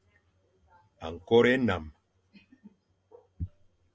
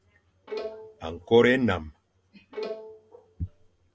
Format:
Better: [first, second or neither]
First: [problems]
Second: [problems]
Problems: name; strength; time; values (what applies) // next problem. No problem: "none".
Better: first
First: none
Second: background sound (Bowed string instrument); 12 dB below the speech